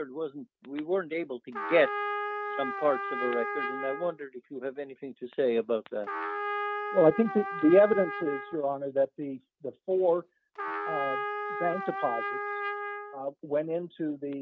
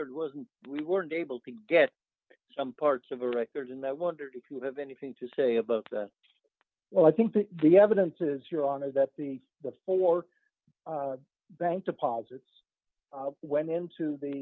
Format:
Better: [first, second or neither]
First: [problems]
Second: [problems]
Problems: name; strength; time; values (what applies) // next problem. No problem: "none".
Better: second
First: noise reduction (neural mask model RNNoise)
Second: none